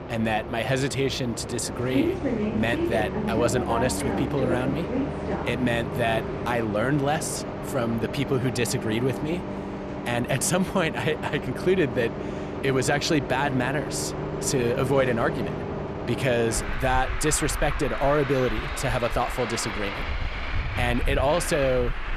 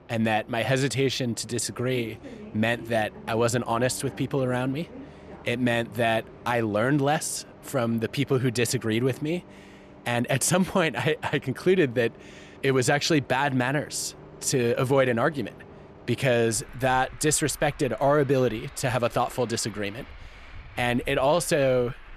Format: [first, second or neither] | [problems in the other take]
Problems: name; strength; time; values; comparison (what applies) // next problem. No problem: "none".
second | traffic noise; loud; throughout; 5 dB below the speech; faint in the second